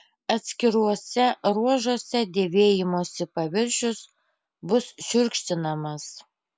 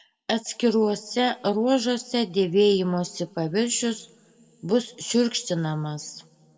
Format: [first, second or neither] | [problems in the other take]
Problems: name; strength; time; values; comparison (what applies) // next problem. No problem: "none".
first | room echo; dies away in 0.2 s